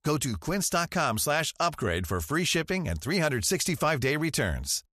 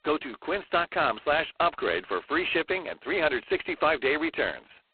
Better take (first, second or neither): first